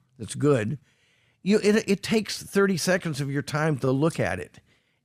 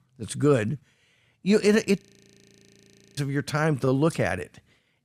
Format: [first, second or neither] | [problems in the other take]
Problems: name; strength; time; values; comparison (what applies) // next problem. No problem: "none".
first | audio freezing; at 2 s for 1 s